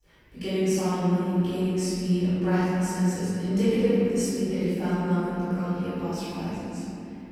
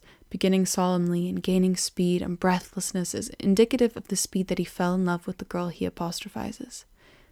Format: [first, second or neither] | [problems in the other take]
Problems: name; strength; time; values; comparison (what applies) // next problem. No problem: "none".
second | off-mic speech; far // room echo; strong; dies away in 3 s